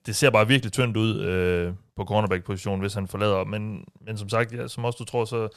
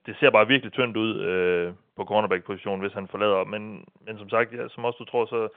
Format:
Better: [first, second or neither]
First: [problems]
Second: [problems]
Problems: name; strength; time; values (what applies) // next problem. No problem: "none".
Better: first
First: none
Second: phone-call audio; nothing above 3 kHz